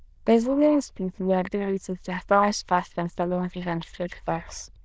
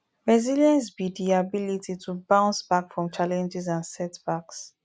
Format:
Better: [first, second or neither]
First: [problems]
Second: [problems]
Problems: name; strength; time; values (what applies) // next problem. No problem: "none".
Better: second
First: noise reduction (neural diffusion model UNIVERSE++)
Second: none